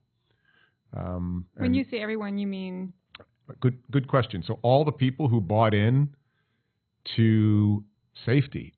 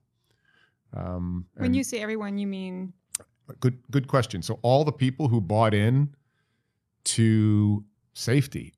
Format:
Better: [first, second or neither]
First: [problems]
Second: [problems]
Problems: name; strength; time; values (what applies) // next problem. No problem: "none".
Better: second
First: garbled, watery; badly; nothing above 4 kHz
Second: none